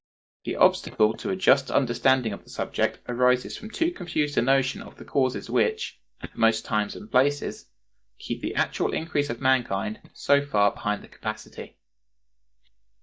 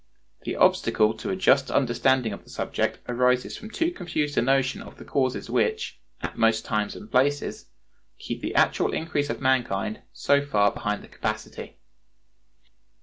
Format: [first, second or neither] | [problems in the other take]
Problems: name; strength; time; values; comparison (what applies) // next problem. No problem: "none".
second | noise reduction (neural mask model DeepFilterNet 3)